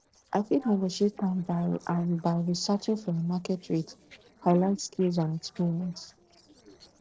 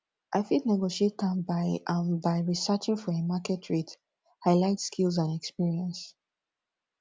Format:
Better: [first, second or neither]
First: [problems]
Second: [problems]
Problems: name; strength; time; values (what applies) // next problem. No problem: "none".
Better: second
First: noise reduction (neural separator model SepFormer DNS4)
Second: none